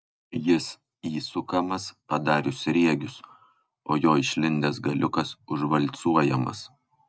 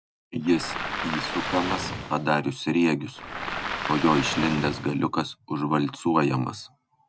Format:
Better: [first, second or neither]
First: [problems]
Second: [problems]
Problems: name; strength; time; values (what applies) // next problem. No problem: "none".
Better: first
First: none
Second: background sound (Waves, surf); 6 dB below the speech